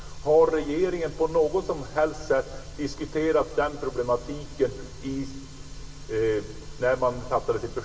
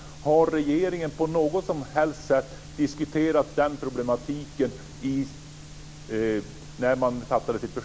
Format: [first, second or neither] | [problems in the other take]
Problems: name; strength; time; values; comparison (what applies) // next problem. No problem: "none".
second | room echo; dies away in 2.8 s